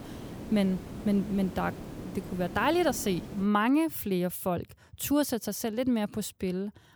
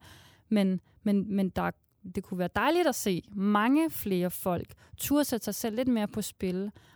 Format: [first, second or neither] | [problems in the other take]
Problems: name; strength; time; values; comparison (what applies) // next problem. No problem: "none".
second | hiss; noticeable; until 3.5 s; 15 dB below the speech